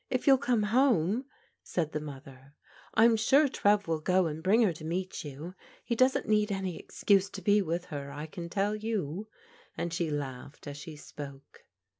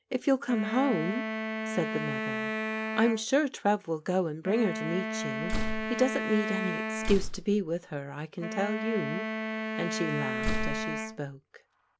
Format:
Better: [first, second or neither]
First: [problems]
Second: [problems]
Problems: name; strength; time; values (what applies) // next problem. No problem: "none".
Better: first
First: none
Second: background sound (Slam + Wind instrument, woodwind instrument); 2 dB below the speech